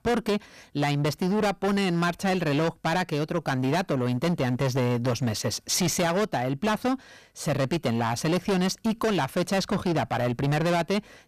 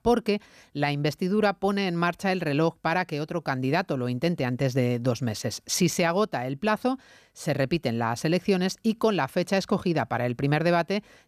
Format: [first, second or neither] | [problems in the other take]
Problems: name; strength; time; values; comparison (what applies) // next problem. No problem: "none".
second | distortion; heavy; 20% of the sound clipped